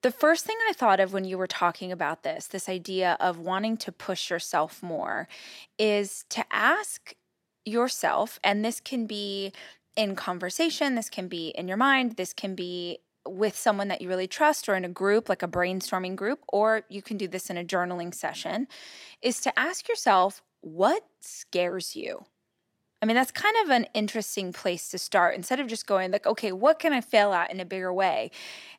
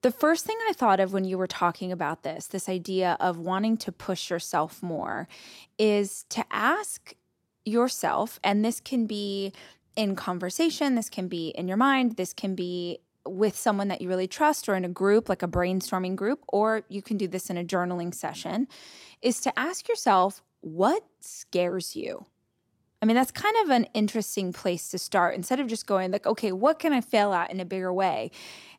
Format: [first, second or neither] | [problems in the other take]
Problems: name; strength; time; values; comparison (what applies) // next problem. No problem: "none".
second | thin; very slightly; fading below 450 Hz